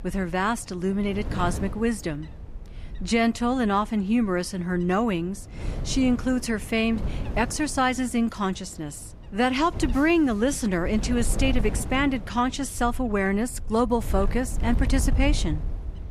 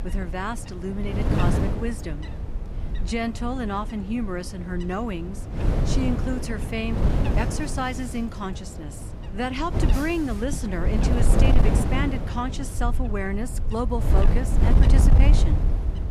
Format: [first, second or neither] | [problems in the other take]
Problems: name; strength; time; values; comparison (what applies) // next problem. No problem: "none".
first | wind noise on the microphone; heavy; 4 dB below the speech; occasional gusts in the first